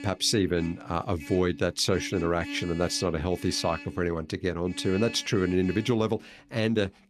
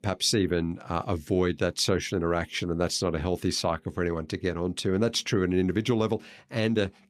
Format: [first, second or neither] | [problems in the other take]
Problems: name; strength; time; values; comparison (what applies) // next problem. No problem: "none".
second | traffic noise; noticeable; throughout; 15 dB below the speech